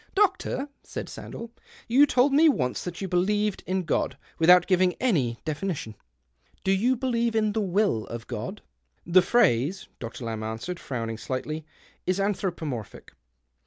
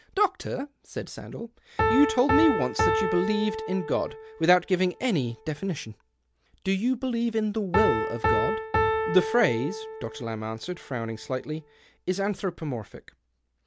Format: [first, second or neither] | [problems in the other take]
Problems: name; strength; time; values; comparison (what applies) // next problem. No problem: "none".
first | background sound (Piano); 3 dB below the speech